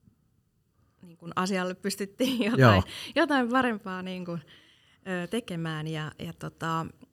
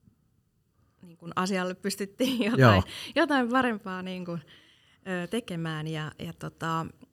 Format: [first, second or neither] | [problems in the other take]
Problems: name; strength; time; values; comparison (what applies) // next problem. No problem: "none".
neither | none